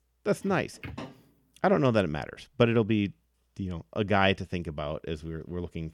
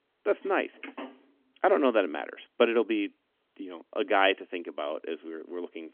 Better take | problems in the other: first | phone-call audio; nothing above 3.5 kHz

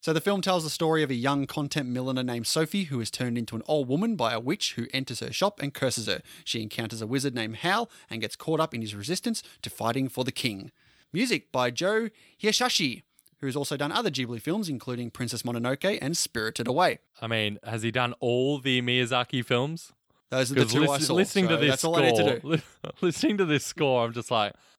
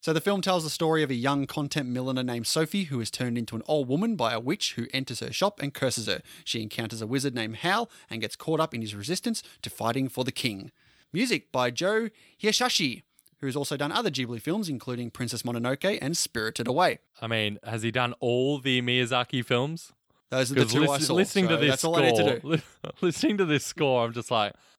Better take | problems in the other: neither | none

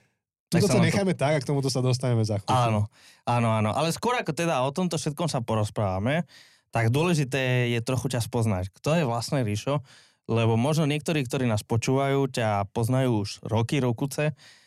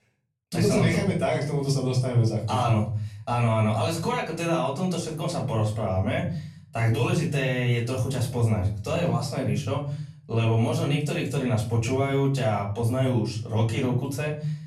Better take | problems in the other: first | off-mic speech; far // room echo; slight; dies away in 0.7 s

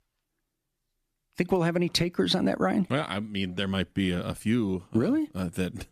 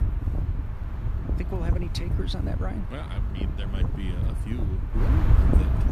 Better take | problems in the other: first | wind noise on the microphone; heavy; as loud as the speech

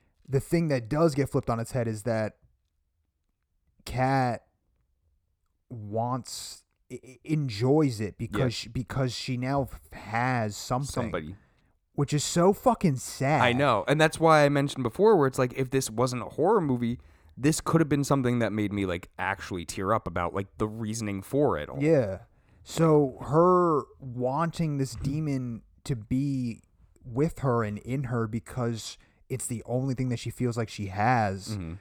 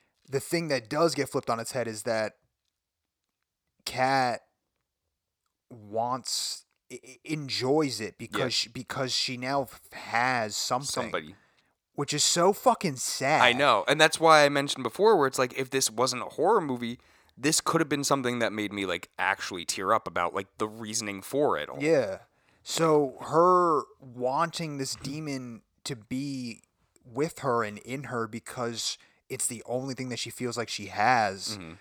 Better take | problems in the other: first | thin; somewhat; fading below 1 kHz

